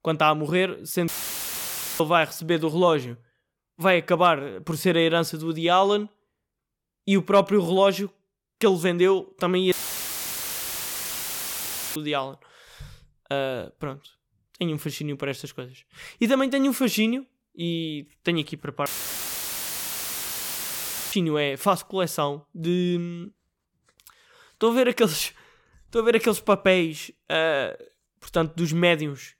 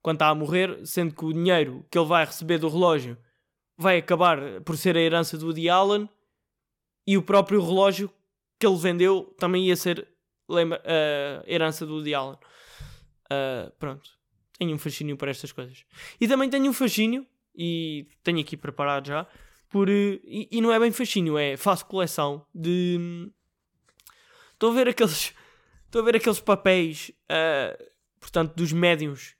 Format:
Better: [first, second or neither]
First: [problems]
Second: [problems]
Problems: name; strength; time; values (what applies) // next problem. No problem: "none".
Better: second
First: audio cutting out; filled with static; at 1 s for 1 s, at 9.5 s for 2 s and at 19 s for 2.5 s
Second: none